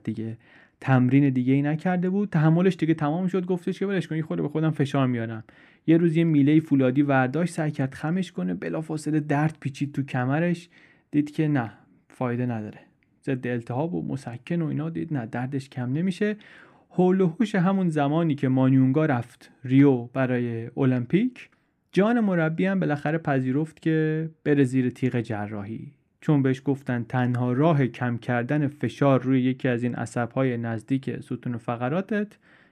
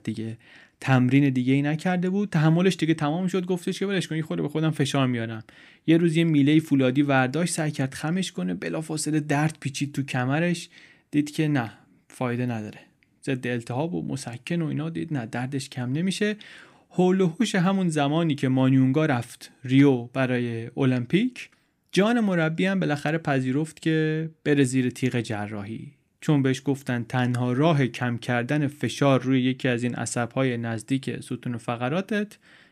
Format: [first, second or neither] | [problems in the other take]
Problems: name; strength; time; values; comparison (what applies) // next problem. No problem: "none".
second | muffled; slightly; fading above 2.5 kHz